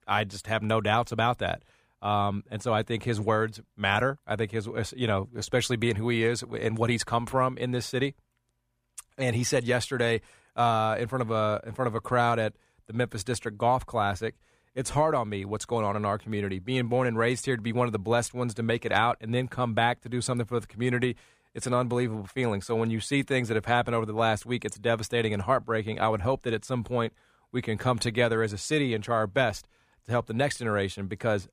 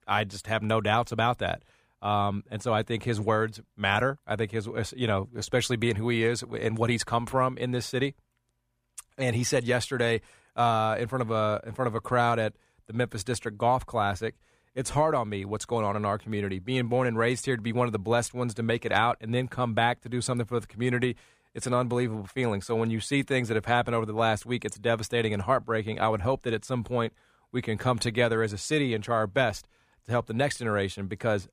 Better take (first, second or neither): neither